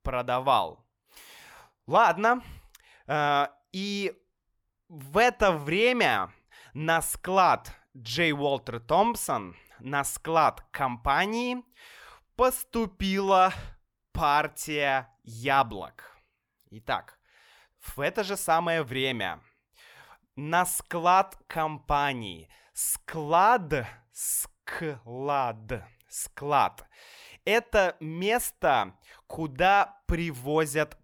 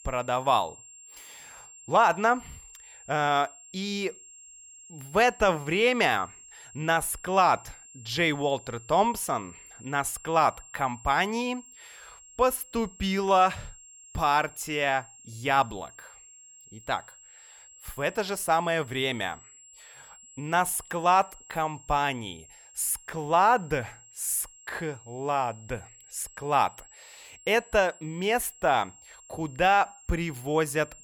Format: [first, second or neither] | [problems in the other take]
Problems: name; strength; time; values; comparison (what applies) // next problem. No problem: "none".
first | high-pitched whine; faint; throughout; 7.5 kHz, 20 dB below the speech